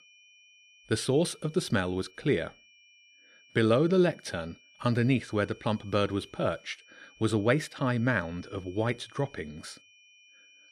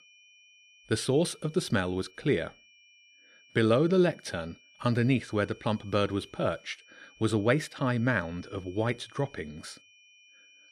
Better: neither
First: high-pitched whine; faint; throughout; 2.5 kHz, 25 dB below the speech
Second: high-pitched whine; faint; throughout; 2.5 kHz, 25 dB below the speech

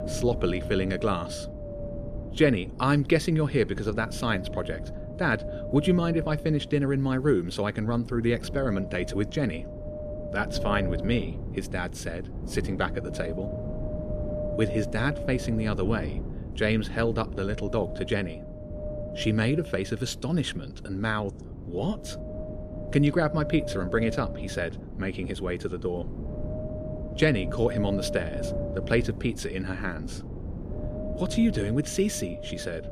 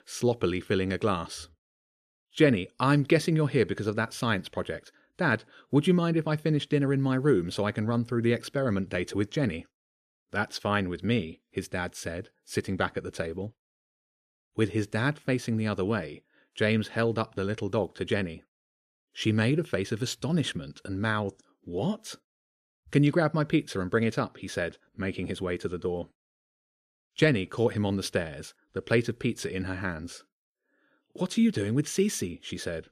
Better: second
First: wind noise on the microphone; heavy; 9 dB below the speech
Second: none

